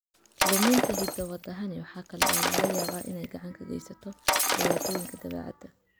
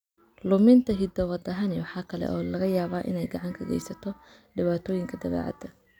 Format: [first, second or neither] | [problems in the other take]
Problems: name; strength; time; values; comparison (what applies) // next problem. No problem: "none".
second | background sound (Shatter); 4 dB above the speech